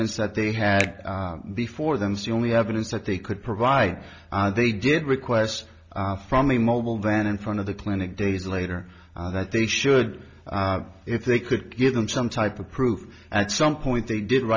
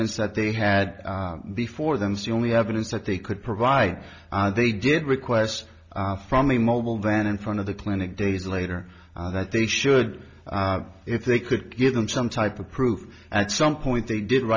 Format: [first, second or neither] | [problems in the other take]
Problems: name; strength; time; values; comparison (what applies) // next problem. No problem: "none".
second | background sound (Finger snapping); 15 dB below the speech